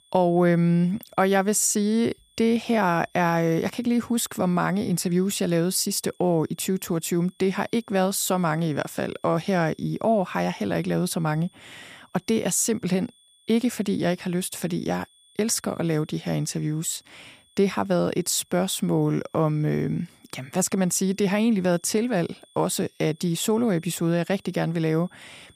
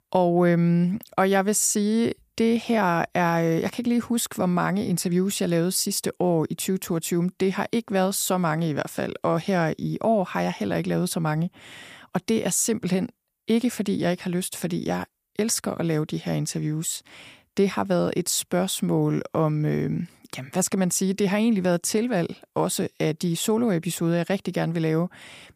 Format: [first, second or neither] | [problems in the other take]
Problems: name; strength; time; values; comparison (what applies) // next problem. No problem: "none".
second | high-pitched whine; faint; throughout; 3.5 kHz, 35 dB below the speech